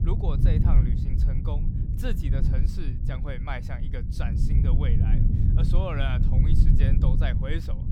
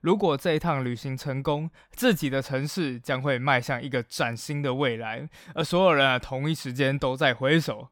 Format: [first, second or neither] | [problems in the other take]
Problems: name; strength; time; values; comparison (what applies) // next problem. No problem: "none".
second | low rumble; loud; throughout; 1 dB below the speech